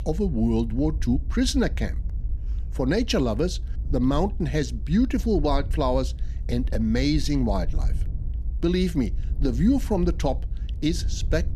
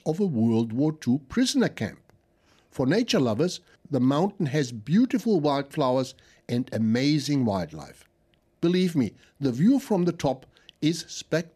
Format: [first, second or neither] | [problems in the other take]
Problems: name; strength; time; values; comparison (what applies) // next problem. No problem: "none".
second | low rumble; faint; throughout; 20 dB below the speech